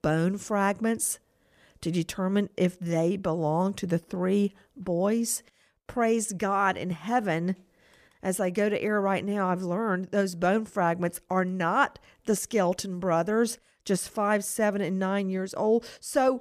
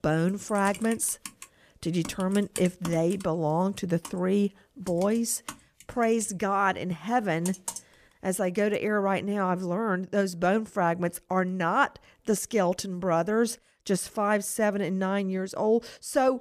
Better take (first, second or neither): first